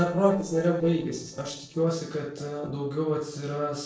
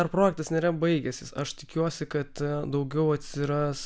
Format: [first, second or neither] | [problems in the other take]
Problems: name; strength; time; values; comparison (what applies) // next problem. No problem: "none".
second | noise reduction (neural separator model SepFormer DNS4)